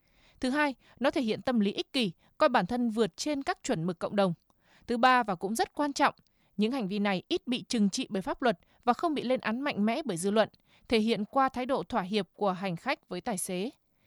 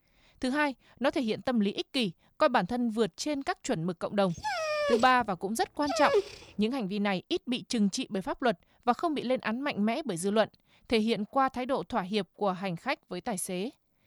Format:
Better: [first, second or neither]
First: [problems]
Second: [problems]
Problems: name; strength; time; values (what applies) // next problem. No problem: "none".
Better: first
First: none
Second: dog barking; loud; from 4.5 to 6 s; peak 2 dB above the speech